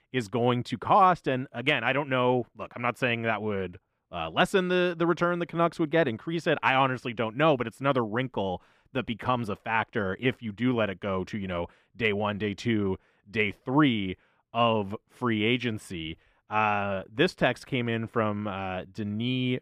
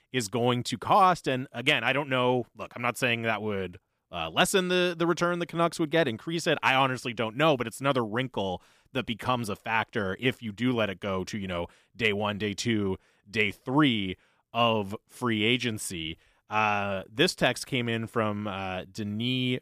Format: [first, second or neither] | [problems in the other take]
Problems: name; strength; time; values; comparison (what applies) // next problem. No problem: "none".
second | muffled; slightly; fading above 3.5 kHz